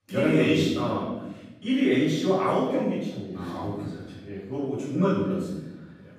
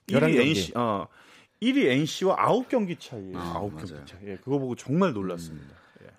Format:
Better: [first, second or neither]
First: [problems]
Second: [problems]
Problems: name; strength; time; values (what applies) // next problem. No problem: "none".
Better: second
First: off-mic speech; far // room echo; strong; dies away in 1 s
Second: none